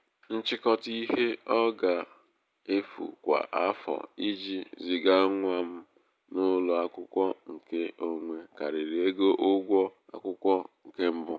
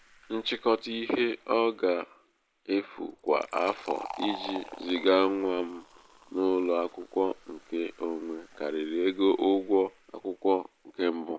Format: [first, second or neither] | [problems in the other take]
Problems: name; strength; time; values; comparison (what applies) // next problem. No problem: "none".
first | background sound (Fill (with liquid)); 18 dB below the speech